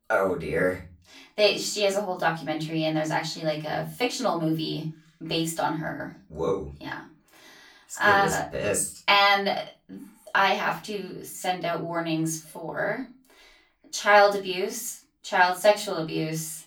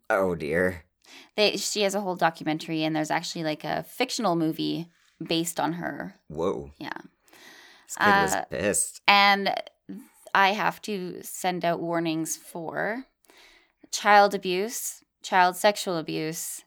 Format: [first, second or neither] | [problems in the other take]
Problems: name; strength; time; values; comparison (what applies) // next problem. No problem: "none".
second | off-mic speech; far // room echo; very slight; dies away in 0.3 s